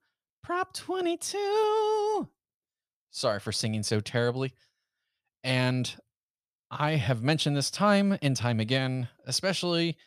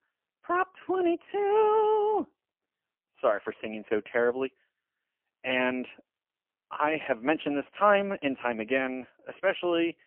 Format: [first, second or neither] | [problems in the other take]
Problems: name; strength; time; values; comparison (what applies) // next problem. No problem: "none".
first | phone-call audio; poor line; nothing above 3 kHz